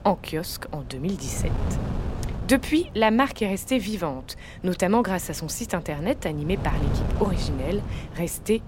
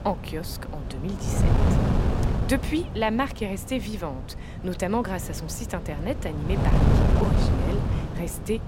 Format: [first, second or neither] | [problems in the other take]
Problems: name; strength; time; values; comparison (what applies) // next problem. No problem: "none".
first | wind noise on the microphone; heavy; 2 dB below the speech; occasional gusts in the first